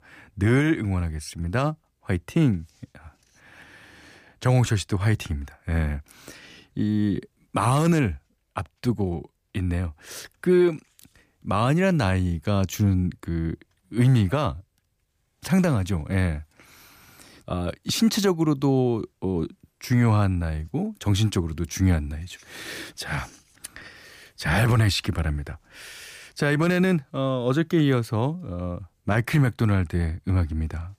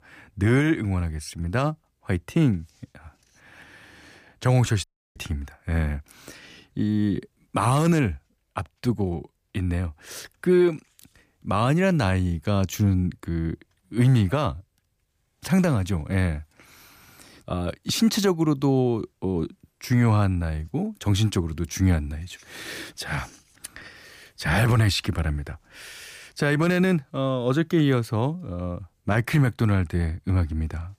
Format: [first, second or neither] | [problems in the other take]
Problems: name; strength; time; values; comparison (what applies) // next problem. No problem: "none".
first | audio cutting out; at 5 s